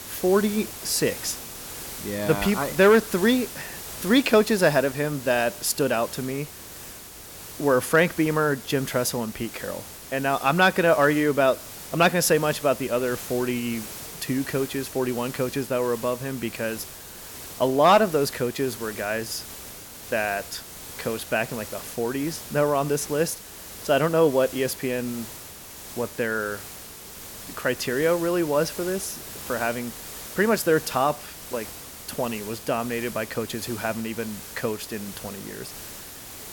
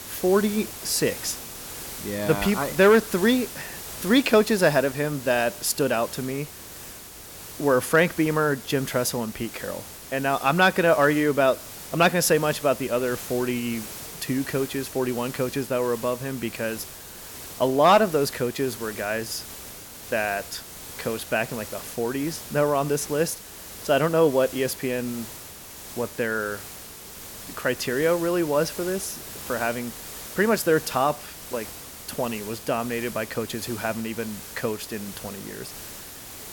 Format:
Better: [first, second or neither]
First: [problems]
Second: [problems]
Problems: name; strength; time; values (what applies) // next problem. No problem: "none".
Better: neither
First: hiss; noticeable; throughout; 15 dB below the speech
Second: hiss; noticeable; throughout; 15 dB below the speech